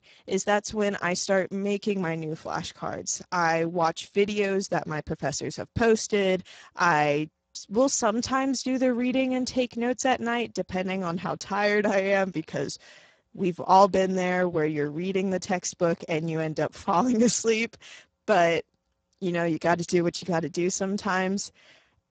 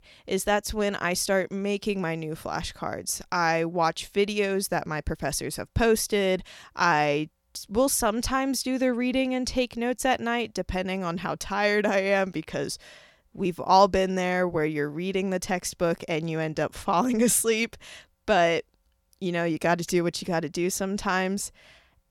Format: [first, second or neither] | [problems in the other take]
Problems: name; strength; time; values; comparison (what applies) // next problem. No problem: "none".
second | garbled, watery; badly; nothing above 7.5 kHz